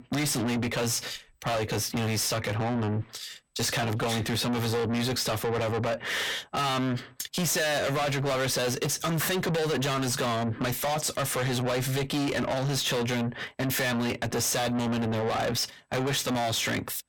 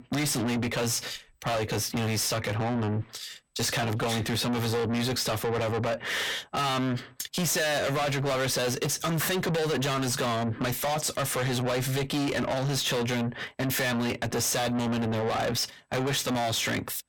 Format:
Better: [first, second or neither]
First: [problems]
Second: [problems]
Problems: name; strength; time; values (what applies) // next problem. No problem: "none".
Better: neither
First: distortion; heavy; 6 dB below the speech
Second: distortion; heavy; 6 dB below the speech